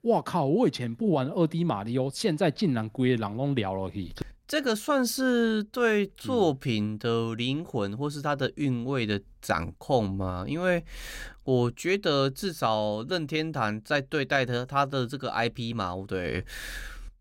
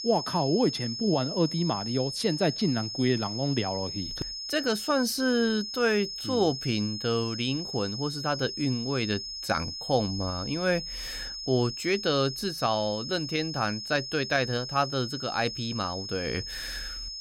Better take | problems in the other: first | high-pitched whine; loud; throughout; 5 kHz, 6 dB below the speech

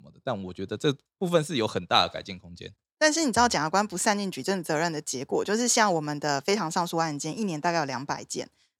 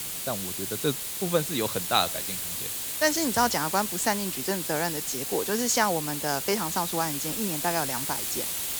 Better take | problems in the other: first | hiss; loud; throughout; 1 dB below the speech

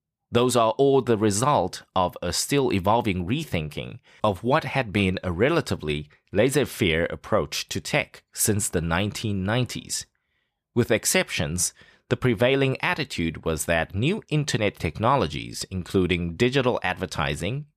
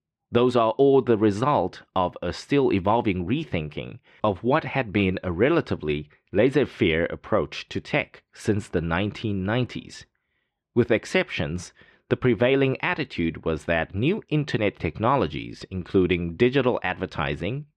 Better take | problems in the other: first | muffled; slightly; fading above 2.5 kHz

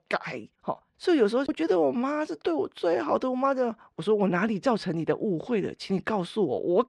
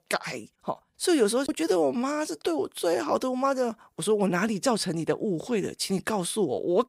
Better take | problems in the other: second | muffled; slightly; fading above 3 kHz

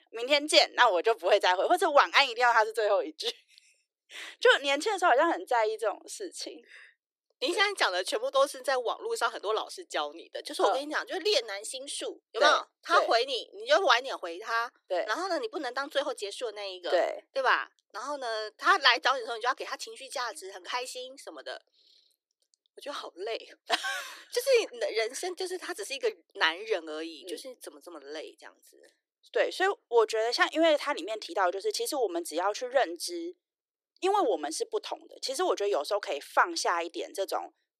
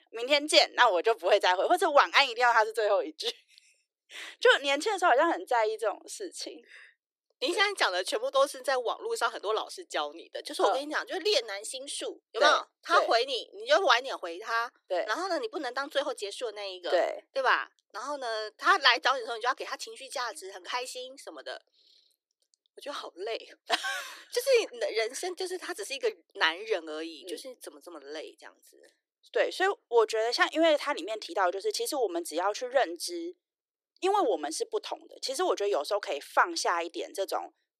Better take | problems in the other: neither | thin; very; fading below 300 Hz; the same in both

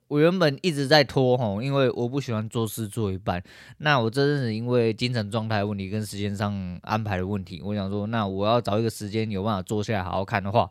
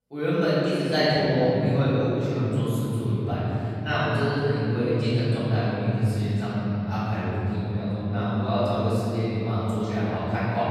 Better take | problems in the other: first | off-mic speech; far // room echo; strong; dies away in 3 s

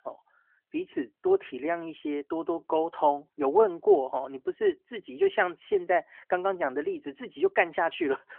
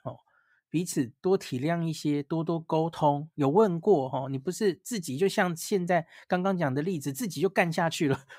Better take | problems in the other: second | phone-call audio

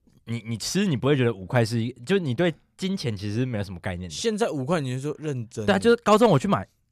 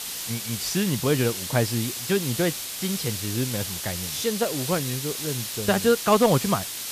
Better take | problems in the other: first | hiss; loud; throughout; 4 dB below the speech

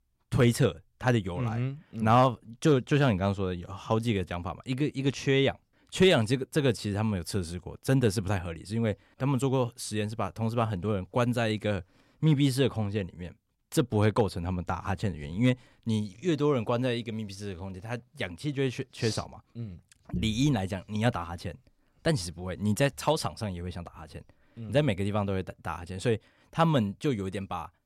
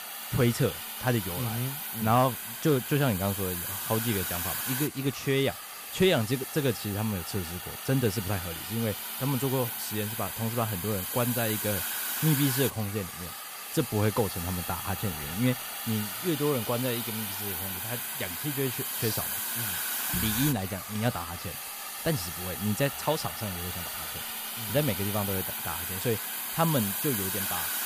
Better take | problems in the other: first | hiss; loud; throughout; 2 dB below the speech

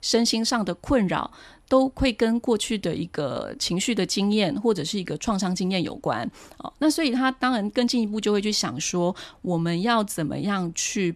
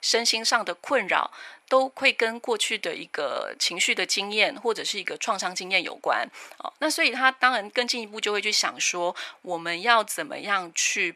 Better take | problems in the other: first | thin; very; fading below 650 Hz

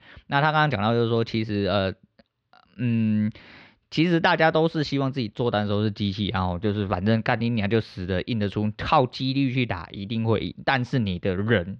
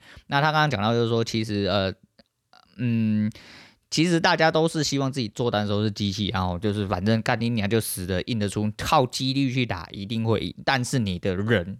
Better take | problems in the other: second | muffled; very slightly; fading above 4 kHz

